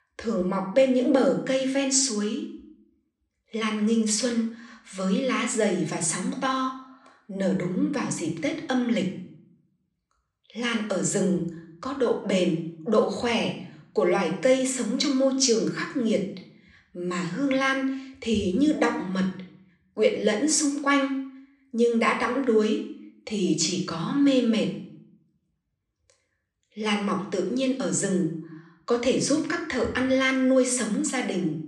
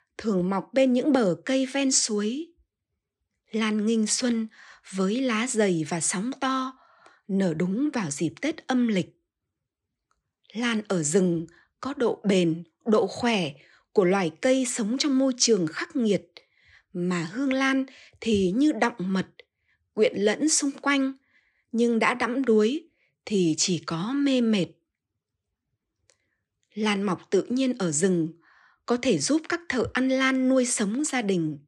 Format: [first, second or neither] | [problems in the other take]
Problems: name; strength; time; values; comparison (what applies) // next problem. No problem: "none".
second | room echo; slight; dies away in 0.5 s // off-mic speech; somewhat distant